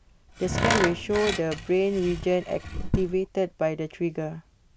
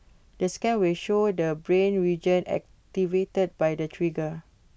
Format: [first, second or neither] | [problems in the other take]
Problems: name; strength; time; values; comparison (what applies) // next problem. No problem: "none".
second | background sound (Tools); 3 dB below the speech